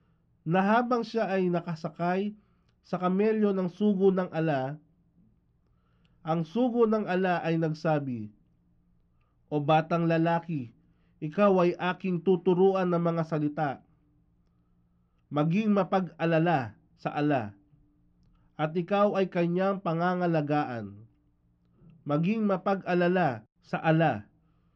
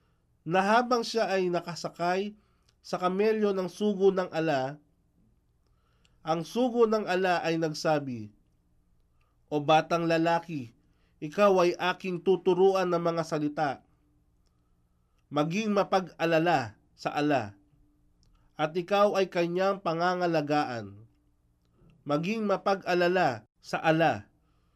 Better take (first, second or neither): second